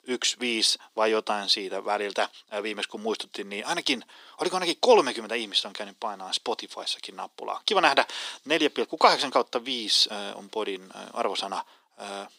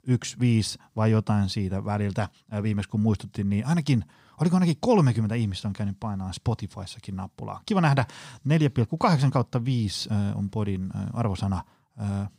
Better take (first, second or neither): second